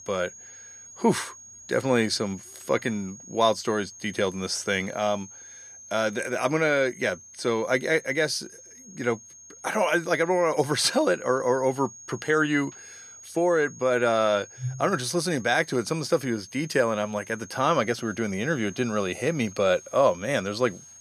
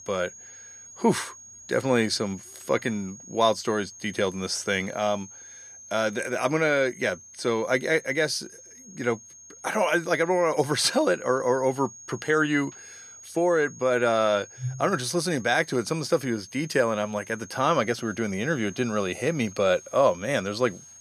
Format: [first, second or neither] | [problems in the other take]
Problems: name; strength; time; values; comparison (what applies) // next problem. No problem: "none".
neither | high-pitched whine; noticeable; throughout; 6.5 kHz, 20 dB below the speech; the same in both